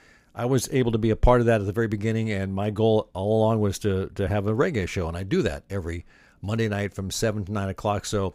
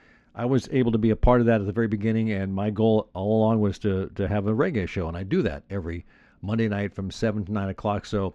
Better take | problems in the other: first | muffled; slightly; fading above 3.5 kHz

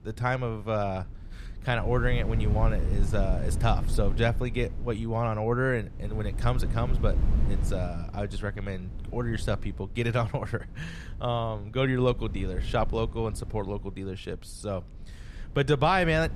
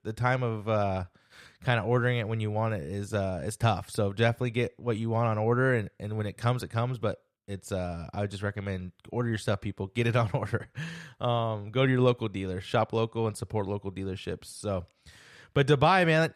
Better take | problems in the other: second | wind noise on the microphone; occasional gusts; 15 dB below the speech

